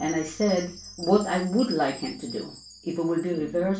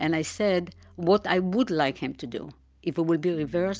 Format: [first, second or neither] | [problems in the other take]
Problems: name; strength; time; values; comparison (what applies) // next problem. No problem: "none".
second | background sound (Chime); 17 dB below the speech // room echo; dies away in 0.3 s